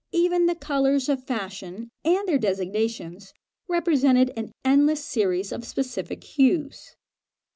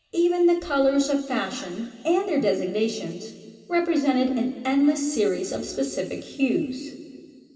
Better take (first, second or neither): first